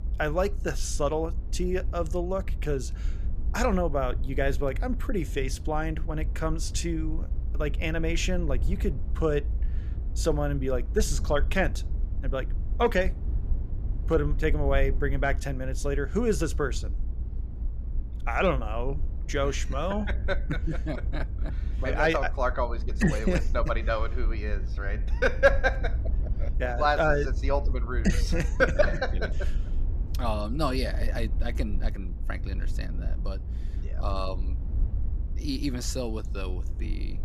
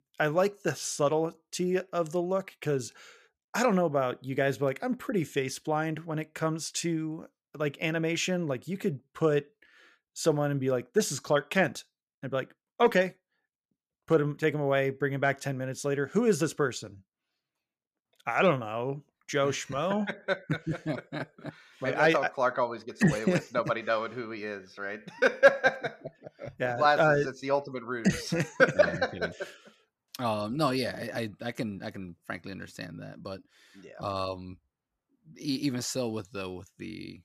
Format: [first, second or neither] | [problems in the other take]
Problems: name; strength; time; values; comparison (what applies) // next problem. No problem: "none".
second | low rumble; faint; throughout; 20 dB below the speech